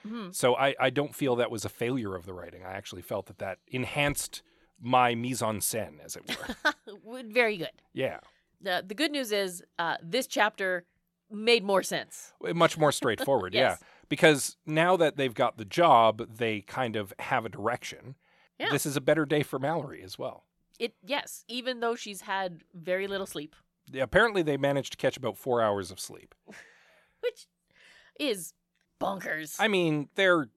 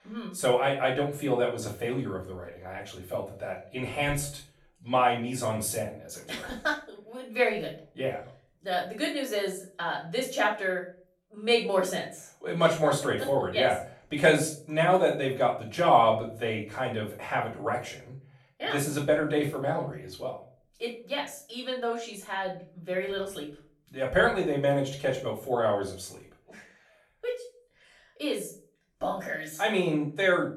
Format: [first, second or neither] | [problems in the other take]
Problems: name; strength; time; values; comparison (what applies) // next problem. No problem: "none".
first | off-mic speech; far // room echo; slight; dies away in 0.4 s